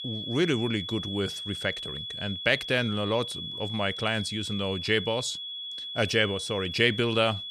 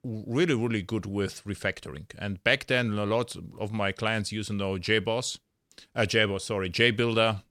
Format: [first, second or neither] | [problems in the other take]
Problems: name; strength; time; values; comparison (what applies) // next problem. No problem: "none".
second | high-pitched whine; loud; throughout; 3.5 kHz, 6 dB below the speech